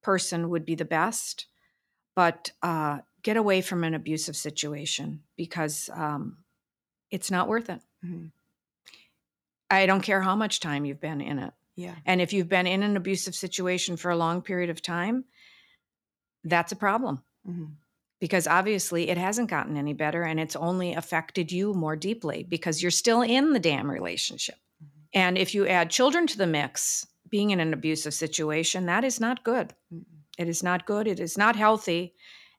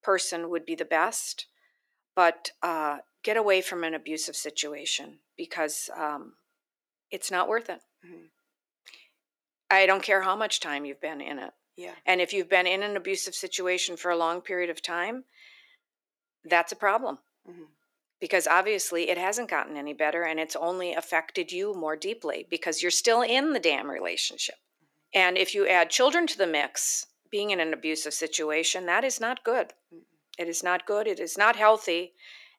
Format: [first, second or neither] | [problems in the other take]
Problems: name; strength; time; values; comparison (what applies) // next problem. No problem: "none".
first | thin; very; fading below 350 Hz